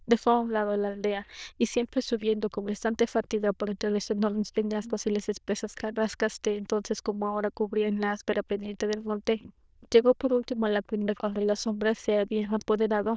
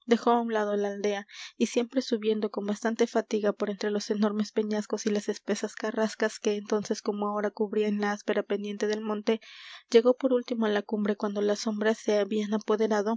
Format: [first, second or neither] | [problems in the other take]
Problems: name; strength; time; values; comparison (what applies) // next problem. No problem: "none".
second | noise reduction (neural diffusion model UNIVERSE++)